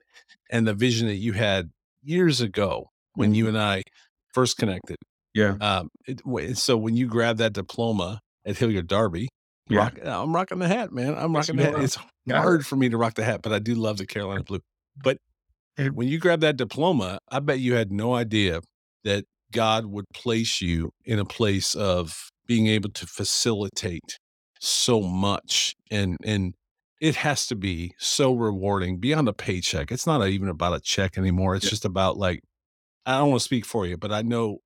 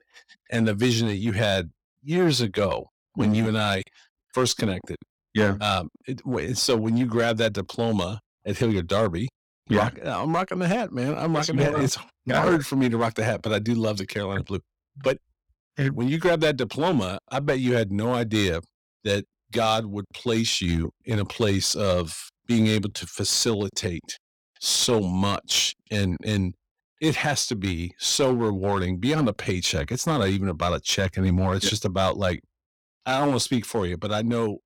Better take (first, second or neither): first